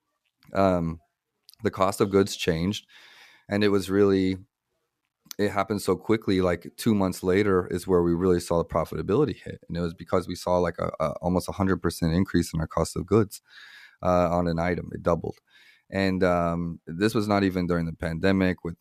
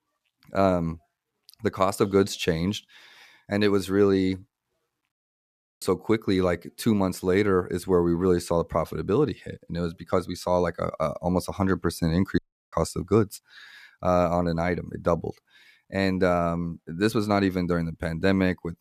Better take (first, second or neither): first